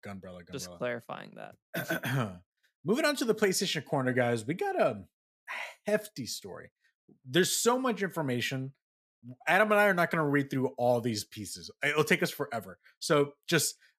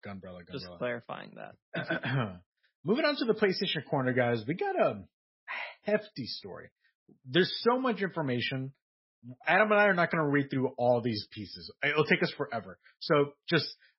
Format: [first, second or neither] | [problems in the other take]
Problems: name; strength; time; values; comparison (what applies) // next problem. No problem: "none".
first | garbled, watery; badly; nothing above 5.5 kHz